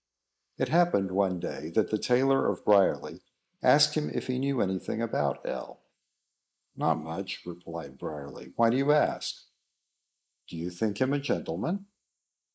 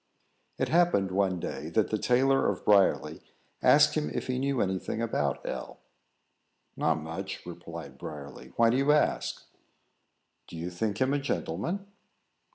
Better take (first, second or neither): second